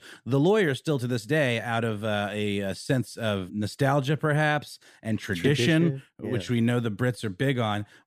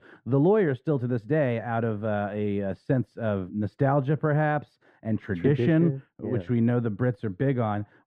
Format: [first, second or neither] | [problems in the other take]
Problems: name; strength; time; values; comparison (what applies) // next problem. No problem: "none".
first | muffled; very; fading above 3 kHz